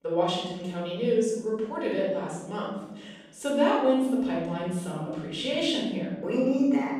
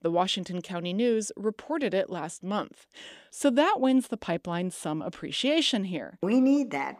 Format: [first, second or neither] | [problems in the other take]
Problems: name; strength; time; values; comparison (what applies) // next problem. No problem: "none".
second | off-mic speech; far // room echo; strong; dies away in 1.2 s